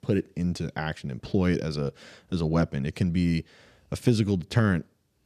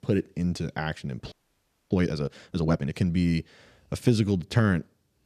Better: first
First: none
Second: audio freezing; at 1.5 s for 0.5 s

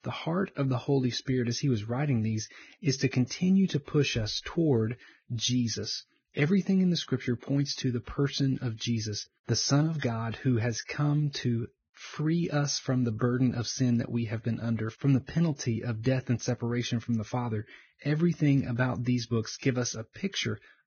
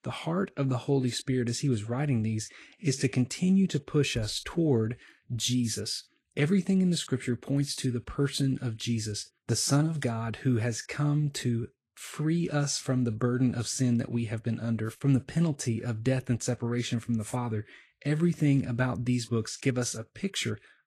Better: second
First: garbled, watery; badly; nothing above 6.5 kHz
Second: garbled, watery; slightly; nothing above 12 kHz

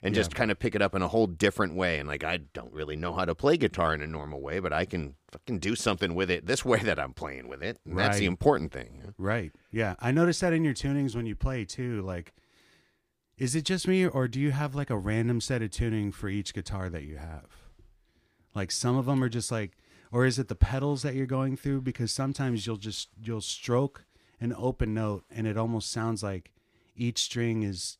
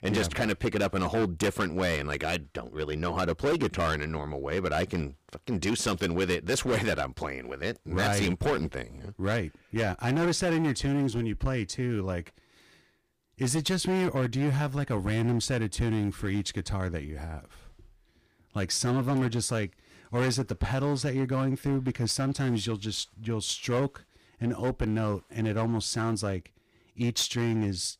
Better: first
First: none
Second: distortion; heavy; 11% of the sound clipped

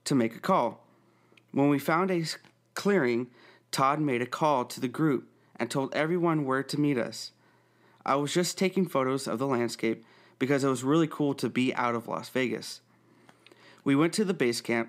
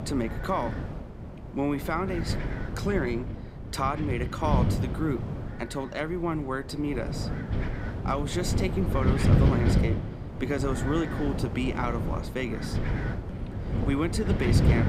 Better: first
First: none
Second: wind noise on the microphone; heavy; 5 dB below the speech

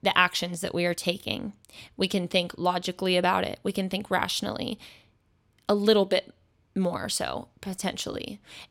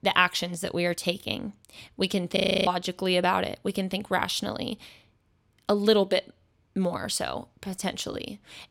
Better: first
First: none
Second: audio freezing; at 2.5 s

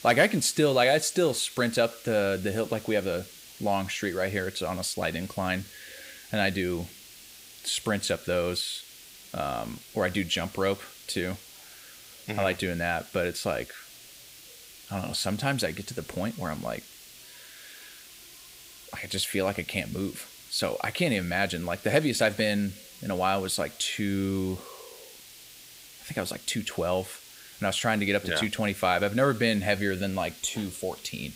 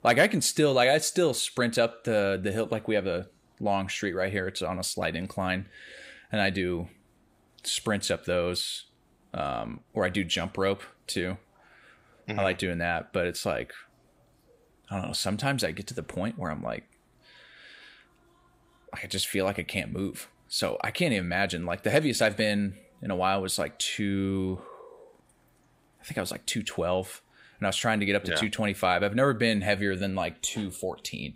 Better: second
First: hiss; noticeable; throughout; 15 dB below the speech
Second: none

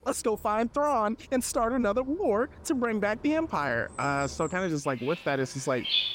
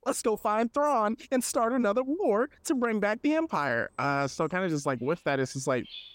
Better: second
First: animal sounds; loud; throughout; 9 dB below the speech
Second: animal sounds; faint; throughout; 25 dB below the speech

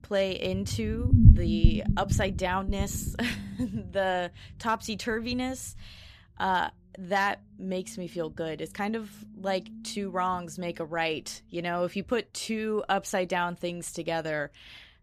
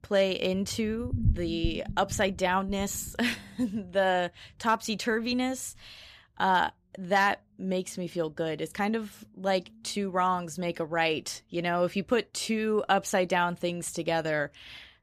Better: second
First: low rumble; loud; throughout; 9 dB below the speech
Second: low rumble; faint; throughout; 20 dB below the speech

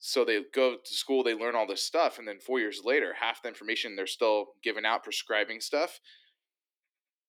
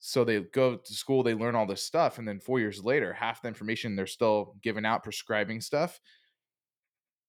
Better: second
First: thin; somewhat; fading below 250 Hz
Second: none

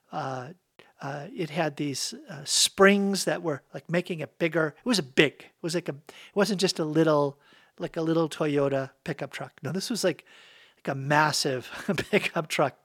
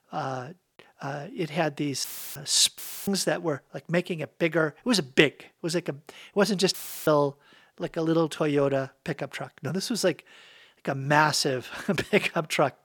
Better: first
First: none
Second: audio cutting out; filled with static; at 2 s, at 3 s and at 6.5 s

